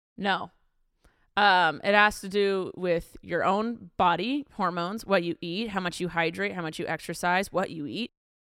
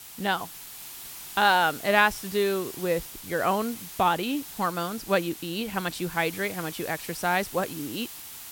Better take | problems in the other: first | hiss; noticeable; throughout; 10 dB below the speech

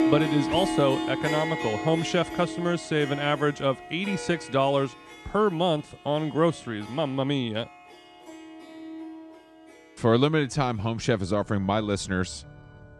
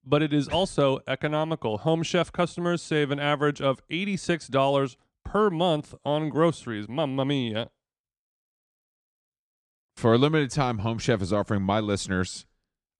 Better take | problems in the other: second | background music; loud; throughout; 7 dB below the speech

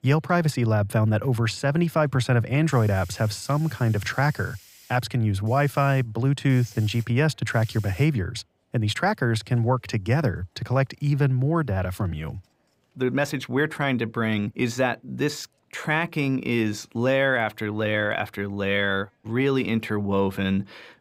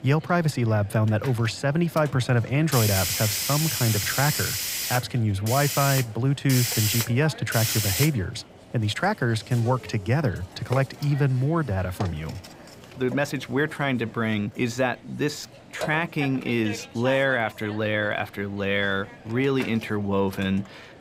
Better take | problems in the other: first | hiss; loud; throughout; 4 dB below the speech; faint in the first

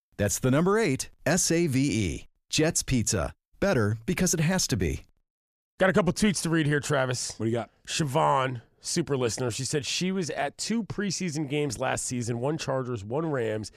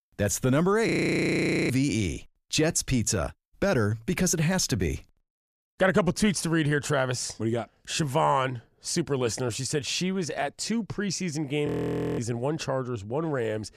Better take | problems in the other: first | audio freezing; at 1 s for 1 s and at 12 s for 0.5 s

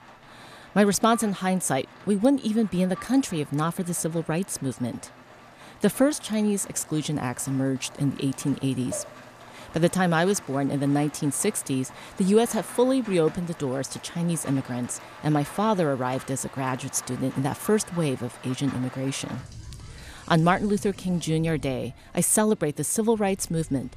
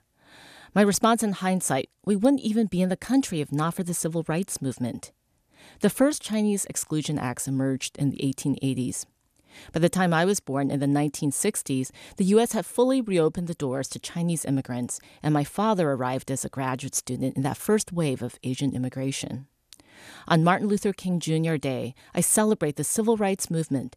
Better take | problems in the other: second | rain or running water; noticeable; throughout; 20 dB below the speech

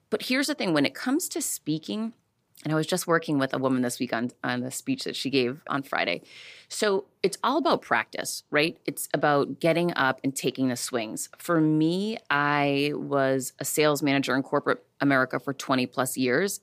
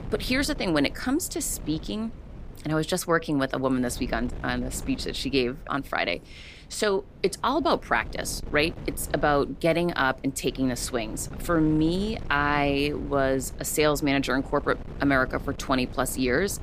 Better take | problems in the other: first | wind noise on the microphone; occasional gusts; 20 dB below the speech

